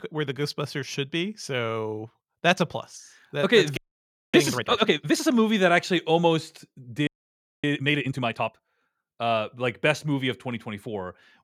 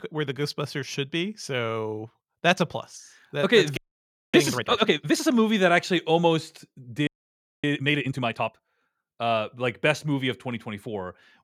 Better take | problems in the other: neither | audio freezing; at 4 s for 0.5 s and at 7 s for 0.5 s; the same in both

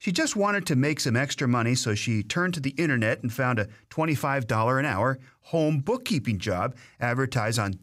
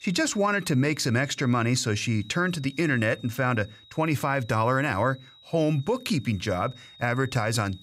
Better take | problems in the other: first | high-pitched whine; faint; throughout; 3.5 kHz, 25 dB below the speech

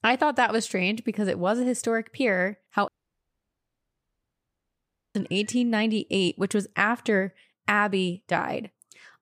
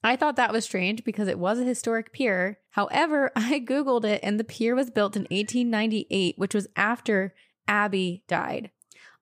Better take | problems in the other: second | audio cutting out; at 3 s for 2.5 s

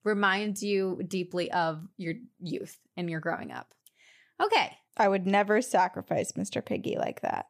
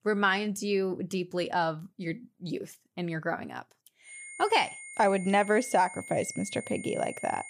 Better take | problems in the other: first | high-pitched whine; noticeable; from 4 s on; 2 kHz, 10 dB below the speech

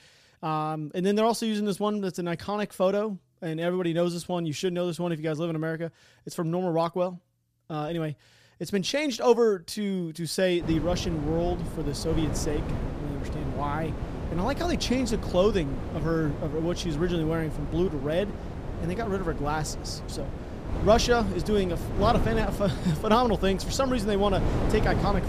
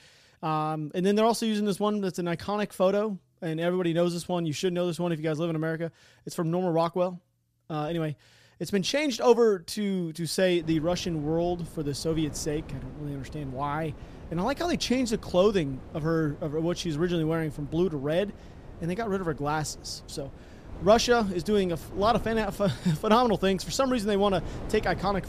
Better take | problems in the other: second | wind noise on the microphone; heavy; from 11 s on; 10 dB below the speech; occasional gusts in the second

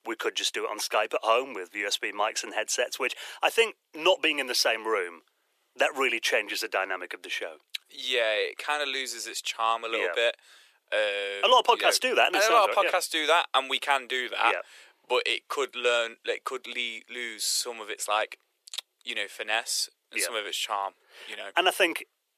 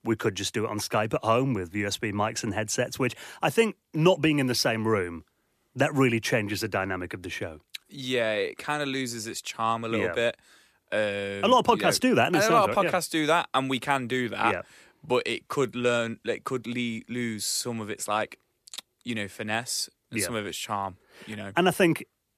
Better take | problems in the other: second | thin; very; fading below 450 Hz

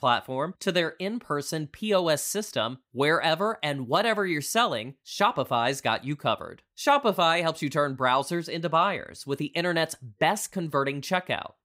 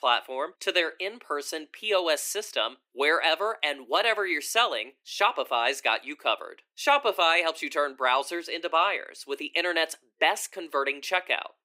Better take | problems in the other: first | thin; somewhat; fading below 350 Hz

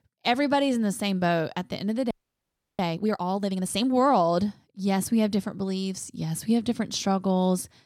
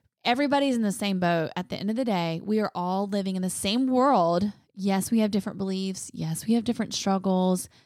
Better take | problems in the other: second | audio freezing; at 2 s for 0.5 s

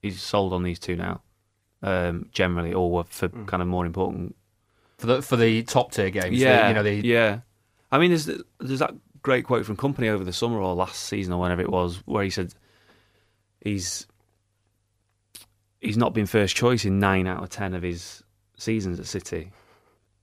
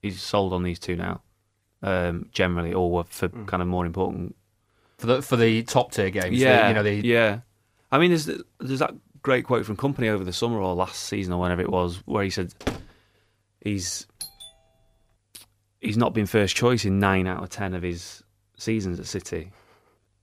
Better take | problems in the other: first | door banging; noticeable; at 13 s; peak 8 dB below the speech // doorbell; faint; at 14 s; peak 15 dB below the speech

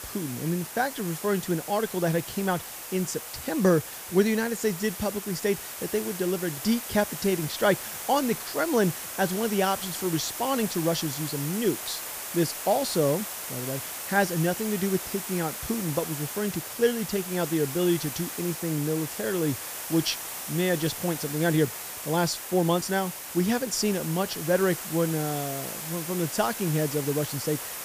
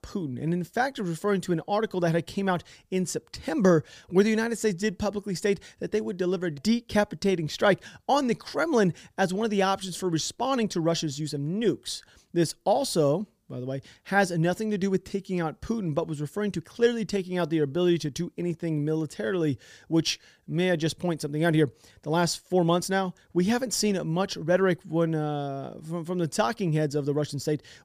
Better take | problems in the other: second | hiss; loud; throughout; 6 dB below the speech

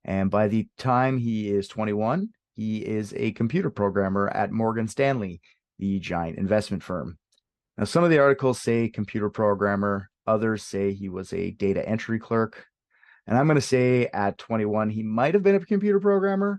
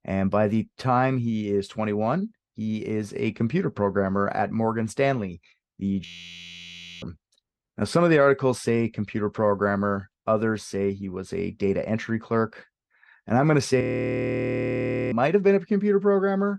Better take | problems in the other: first | audio freezing; at 6 s for 1 s and at 14 s for 1.5 s

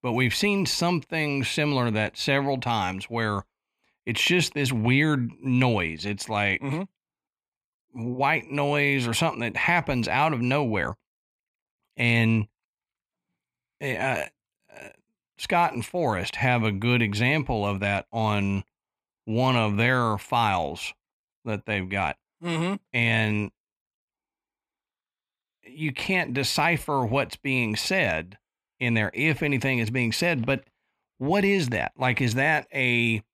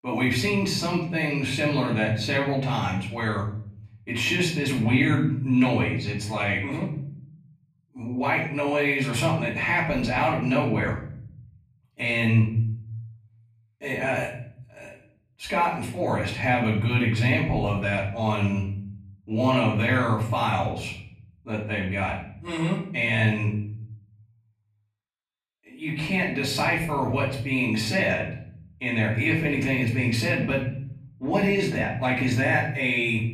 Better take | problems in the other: first | off-mic speech; far // room echo; noticeable; dies away in 0.9 s

